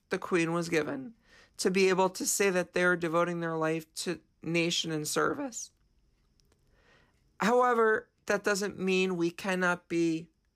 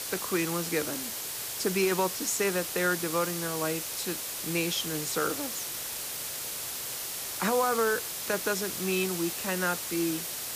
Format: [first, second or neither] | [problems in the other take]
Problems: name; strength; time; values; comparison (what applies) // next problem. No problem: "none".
first | hiss; loud; throughout; 2 dB below the speech